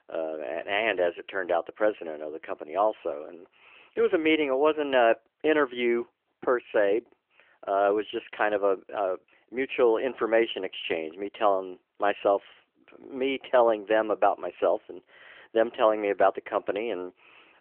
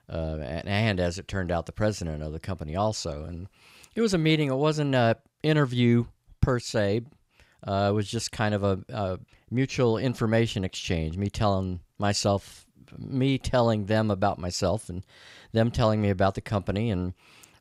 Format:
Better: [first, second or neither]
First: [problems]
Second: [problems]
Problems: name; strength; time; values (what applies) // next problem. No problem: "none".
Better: second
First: phone-call audio; nothing above 3 kHz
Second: none